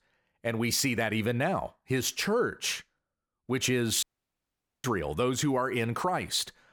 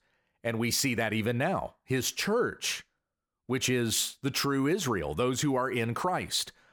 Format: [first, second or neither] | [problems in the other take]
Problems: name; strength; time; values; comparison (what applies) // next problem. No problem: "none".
second | audio cutting out; at 4 s for 1 s